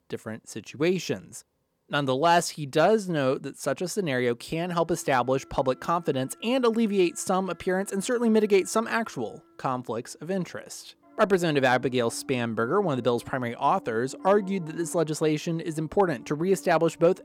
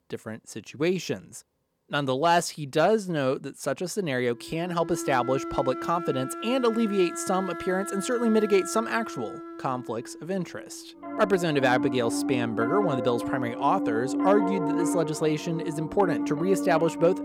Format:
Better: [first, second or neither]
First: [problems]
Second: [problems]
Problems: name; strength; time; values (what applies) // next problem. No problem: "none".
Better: first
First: background music; faint; from 4.5 s on; 25 dB below the speech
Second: background music; loud; from 4.5 s on; 5 dB below the speech